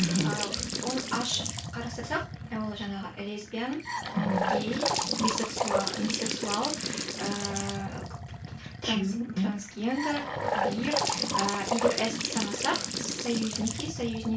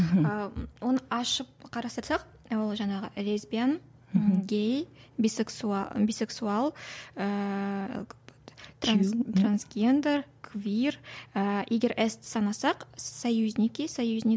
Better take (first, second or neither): second